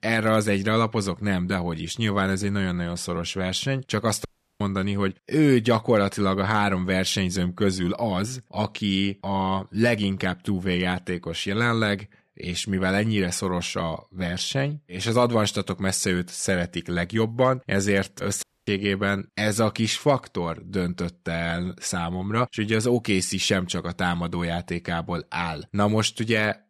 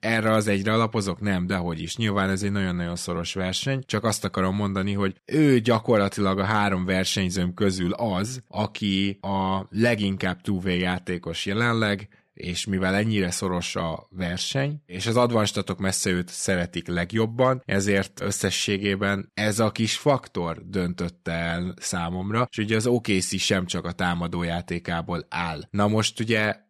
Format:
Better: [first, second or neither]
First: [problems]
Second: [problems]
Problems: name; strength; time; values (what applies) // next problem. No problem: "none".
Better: second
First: audio cutting out; at 4.5 s and at 18 s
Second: none